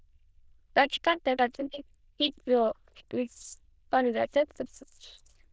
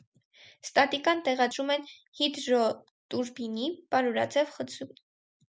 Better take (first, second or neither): second